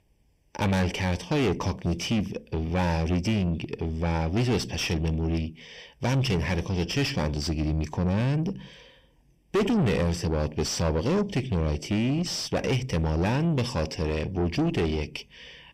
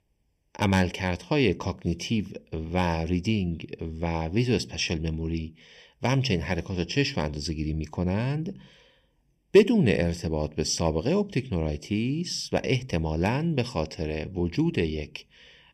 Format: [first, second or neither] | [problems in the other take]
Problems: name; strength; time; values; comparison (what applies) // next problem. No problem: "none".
second | distortion; heavy; 6 dB below the speech